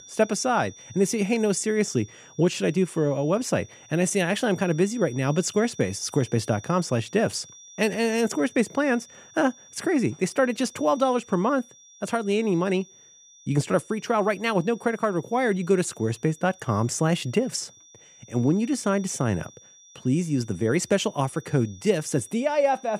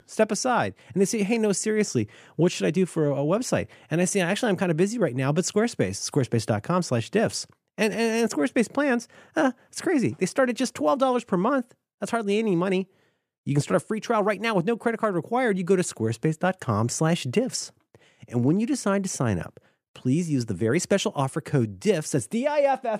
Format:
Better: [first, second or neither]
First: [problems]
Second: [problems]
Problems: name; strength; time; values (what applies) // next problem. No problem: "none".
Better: second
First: high-pitched whine; faint; throughout; 6 kHz, 20 dB below the speech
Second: none